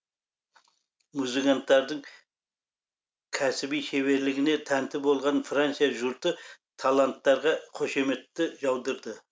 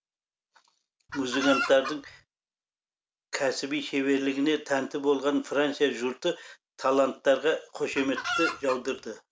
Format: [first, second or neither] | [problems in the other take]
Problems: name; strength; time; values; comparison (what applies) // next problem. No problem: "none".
first | background sound (Chicken, rooster); 5 dB below the speech